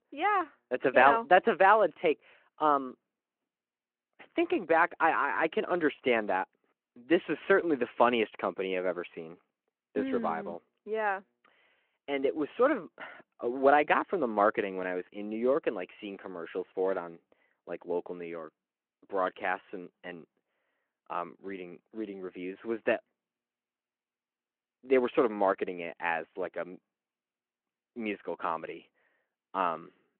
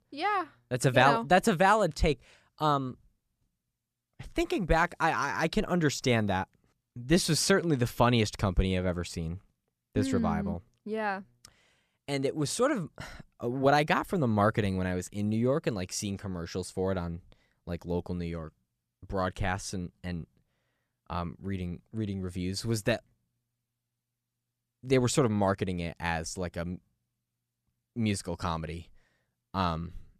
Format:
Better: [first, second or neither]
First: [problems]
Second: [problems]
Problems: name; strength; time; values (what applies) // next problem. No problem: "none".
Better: second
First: phone-call audio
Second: none